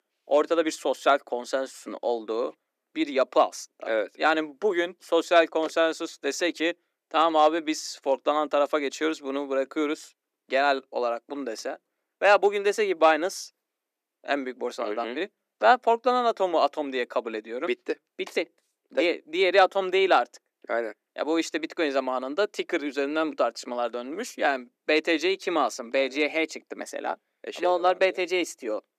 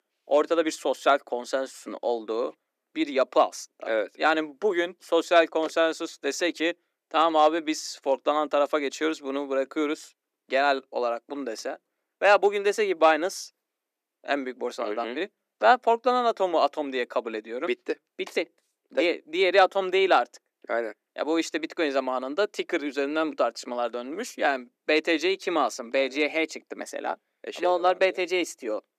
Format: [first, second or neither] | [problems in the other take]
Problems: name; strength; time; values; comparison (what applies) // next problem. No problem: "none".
neither | thin; somewhat; fading below 300 Hz; the same in both